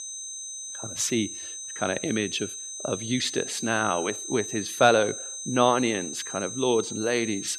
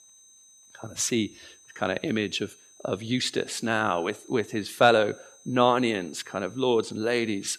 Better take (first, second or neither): second